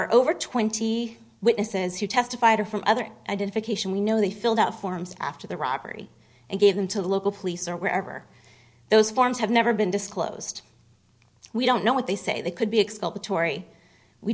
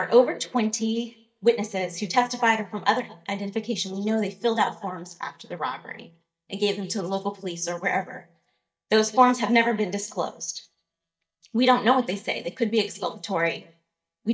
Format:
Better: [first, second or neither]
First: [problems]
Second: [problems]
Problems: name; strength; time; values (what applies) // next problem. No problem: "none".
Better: first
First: none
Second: noise reduction (neural mask model DeepFilterNet 3)